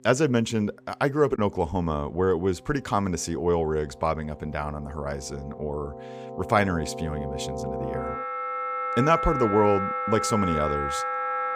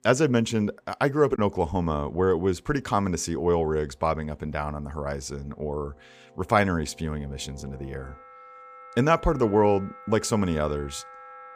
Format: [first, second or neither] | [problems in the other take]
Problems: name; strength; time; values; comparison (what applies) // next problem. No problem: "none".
second | background music; loud; throughout; 4 dB below the speech; faint in the second